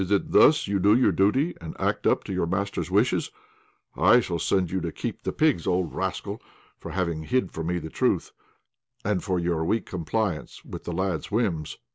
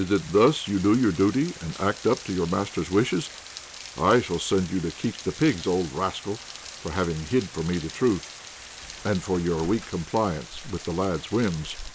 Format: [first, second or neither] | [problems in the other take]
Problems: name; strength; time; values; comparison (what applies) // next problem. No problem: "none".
first | background sound (Rain); 15 dB below the speech